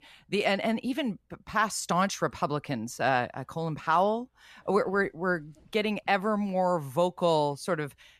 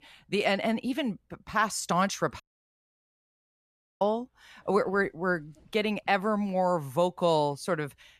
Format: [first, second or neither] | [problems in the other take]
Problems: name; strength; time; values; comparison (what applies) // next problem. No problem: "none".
first | audio cutting out; at 2.5 s for 1.5 s